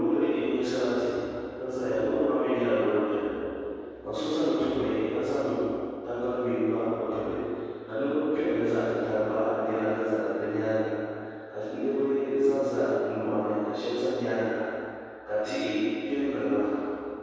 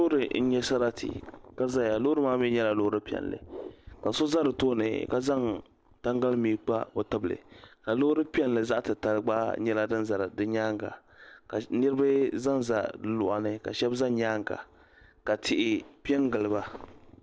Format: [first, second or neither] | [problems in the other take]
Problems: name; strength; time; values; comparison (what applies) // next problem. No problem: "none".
second | room echo; dies away in 2.2 s